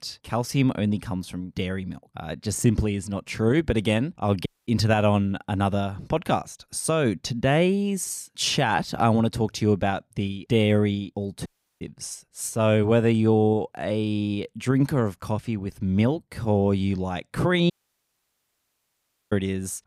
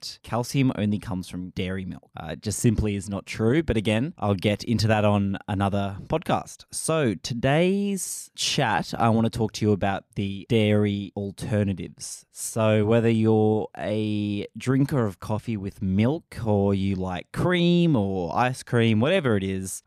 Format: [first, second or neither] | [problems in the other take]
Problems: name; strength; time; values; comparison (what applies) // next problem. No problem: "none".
second | audio cutting out; at 4.5 s, at 11 s and at 18 s for 1.5 s